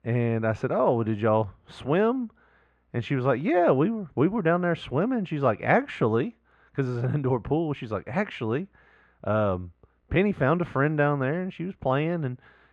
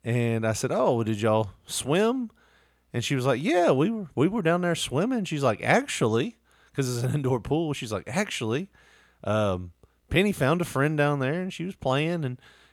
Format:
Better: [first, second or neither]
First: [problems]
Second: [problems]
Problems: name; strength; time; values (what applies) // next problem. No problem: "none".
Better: second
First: muffled; very; fading above 1.5 kHz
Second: none